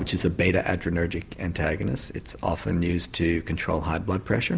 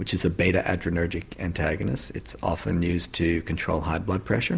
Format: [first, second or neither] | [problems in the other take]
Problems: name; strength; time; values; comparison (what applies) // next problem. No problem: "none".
second | background sound (Explosion); 19 dB below the speech